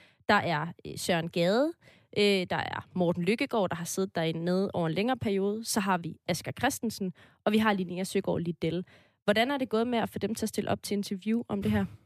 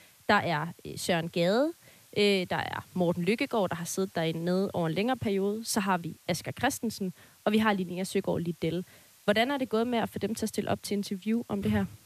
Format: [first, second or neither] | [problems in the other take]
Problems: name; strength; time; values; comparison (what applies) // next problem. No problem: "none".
first | hiss; faint; throughout; 25 dB below the speech